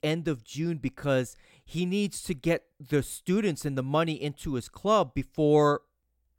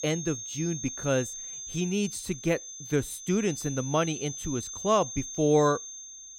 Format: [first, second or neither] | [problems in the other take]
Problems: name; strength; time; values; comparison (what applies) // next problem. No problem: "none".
first | high-pitched whine; loud; throughout; 6.5 kHz, 8 dB below the speech